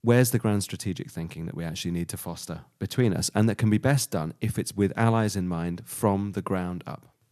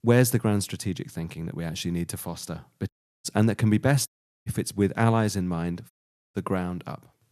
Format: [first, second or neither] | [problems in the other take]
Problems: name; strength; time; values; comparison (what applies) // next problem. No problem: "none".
first | audio cutting out; at 3 s, at 4 s and at 6 s